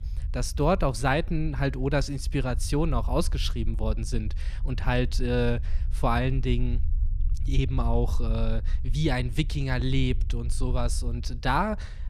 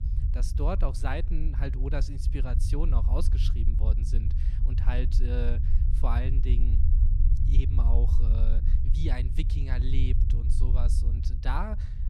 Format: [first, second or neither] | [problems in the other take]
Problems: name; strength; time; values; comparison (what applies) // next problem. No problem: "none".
first | low rumble; loud; throughout; 7 dB below the speech; faint in the first